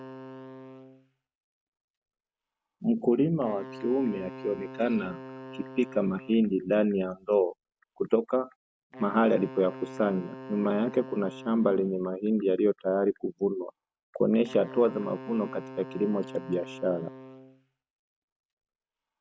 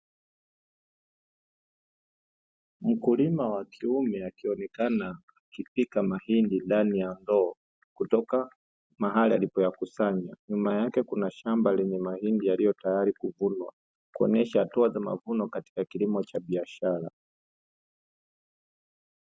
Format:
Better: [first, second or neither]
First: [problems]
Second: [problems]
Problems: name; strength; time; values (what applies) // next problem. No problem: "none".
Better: second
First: background sound (Wind instrument, woodwind instrument); 16 dB below the speech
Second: none